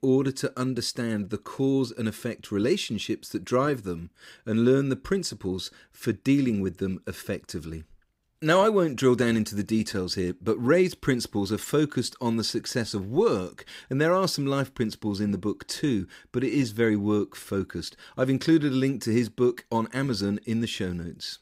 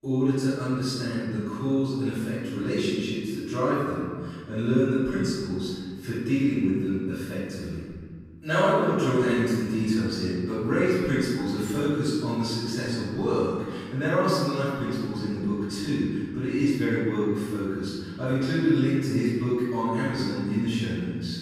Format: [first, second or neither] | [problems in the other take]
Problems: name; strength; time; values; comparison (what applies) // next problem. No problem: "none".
first | off-mic speech; far // room echo; strong; dies away in 1.8 s